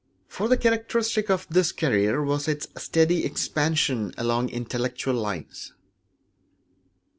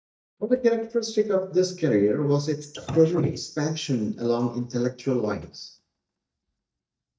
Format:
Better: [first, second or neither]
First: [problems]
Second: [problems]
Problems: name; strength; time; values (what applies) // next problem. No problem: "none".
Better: first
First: none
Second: noise reduction (neural mask model DeepFilterNet 3)